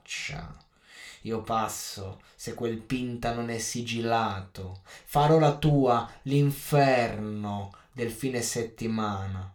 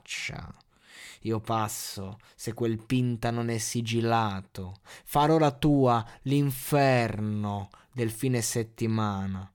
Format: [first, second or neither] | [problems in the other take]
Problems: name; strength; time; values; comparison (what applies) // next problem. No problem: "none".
second | room echo; very slight; dies away in 0.3 s